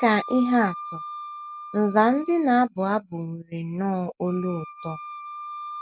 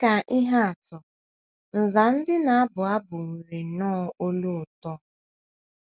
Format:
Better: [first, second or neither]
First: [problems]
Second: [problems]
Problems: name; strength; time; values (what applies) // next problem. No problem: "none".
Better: second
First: background sound (Wind instrument, woodwind instrument); 13 dB below the speech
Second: none